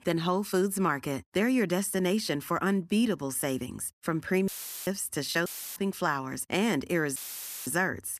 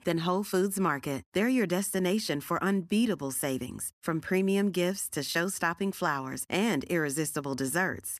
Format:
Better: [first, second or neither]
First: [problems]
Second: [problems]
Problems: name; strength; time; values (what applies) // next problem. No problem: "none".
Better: second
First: audio cutting out; filled with static; at 4.5 s, at 5.5 s and at 7 s for 0.5 s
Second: none